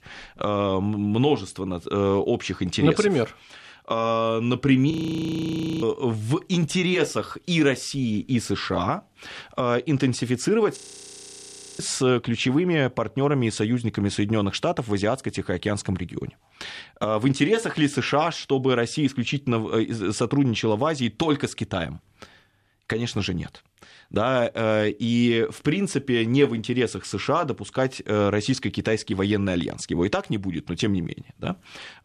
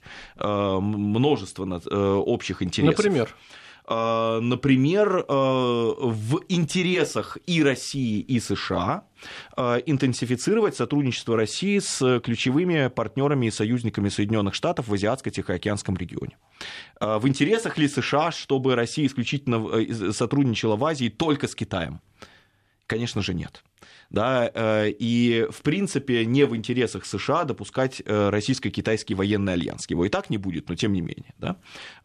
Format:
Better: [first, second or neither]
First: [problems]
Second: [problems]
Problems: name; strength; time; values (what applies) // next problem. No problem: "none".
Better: second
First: audio freezing; at 5 s for 1 s and at 11 s for 1 s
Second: none